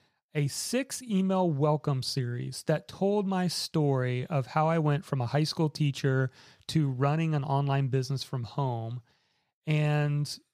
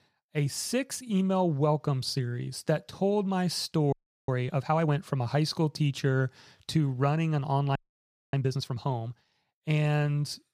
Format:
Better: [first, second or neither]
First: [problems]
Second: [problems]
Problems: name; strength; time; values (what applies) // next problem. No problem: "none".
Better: first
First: none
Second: audio freezing; at 4 s and at 8 s for 0.5 s